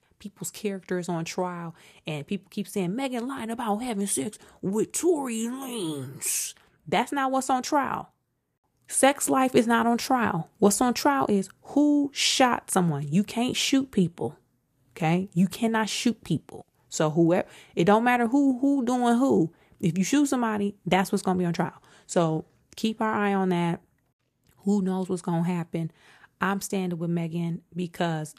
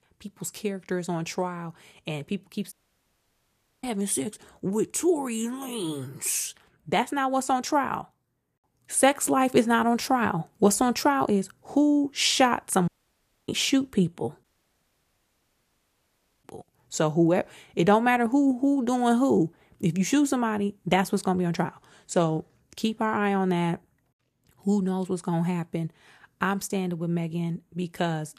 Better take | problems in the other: first | audio cutting out; at 2.5 s for 1 s, at 13 s for 0.5 s and at 14 s for 2 s

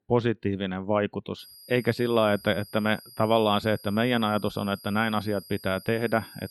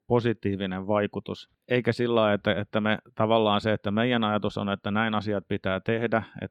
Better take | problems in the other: second | high-pitched whine; noticeable; from 1.5 s on; 5 kHz, 20 dB below the speech

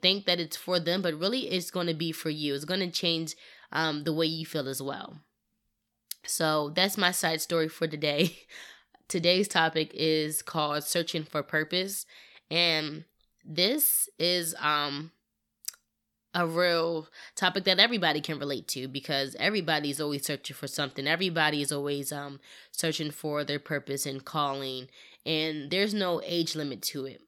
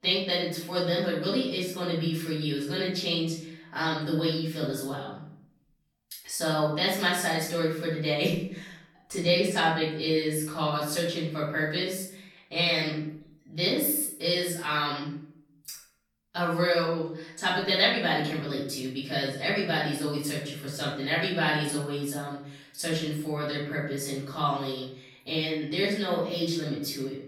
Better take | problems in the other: first | off-mic speech; far // room echo; noticeable; dies away in 0.6 s

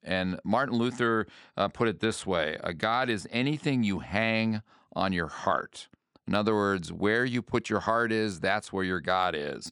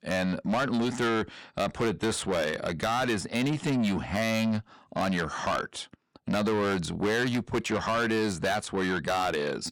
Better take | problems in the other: first | distortion; heavy; 6 dB below the speech

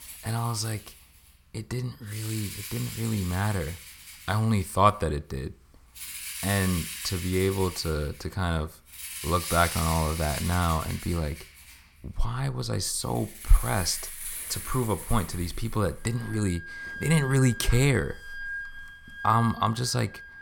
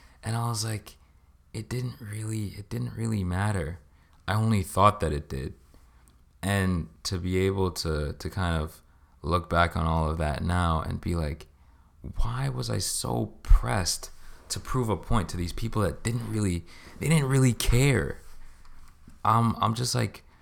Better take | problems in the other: second | background music; loud; throughout; 9 dB below the speech

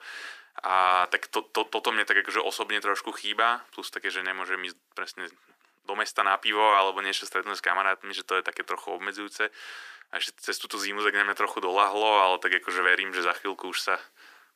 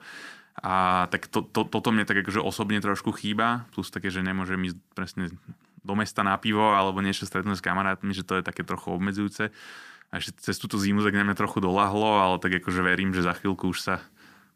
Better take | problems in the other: second | thin; very; fading below 400 Hz

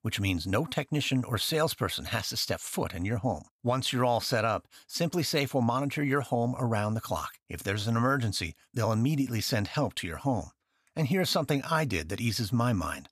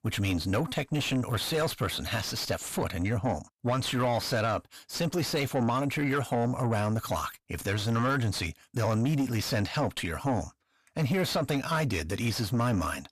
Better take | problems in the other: first | distortion; slight; 9 dB below the speech

